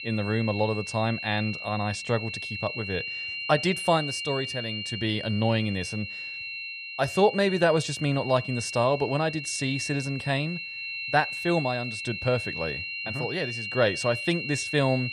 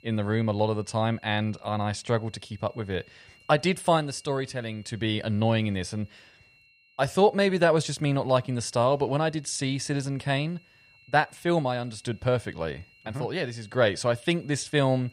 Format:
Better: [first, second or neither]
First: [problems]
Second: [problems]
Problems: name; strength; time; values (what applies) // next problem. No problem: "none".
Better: second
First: high-pitched whine; loud; throughout; 2.5 kHz, 5 dB below the speech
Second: high-pitched whine; faint; throughout; 2.5 kHz, 30 dB below the speech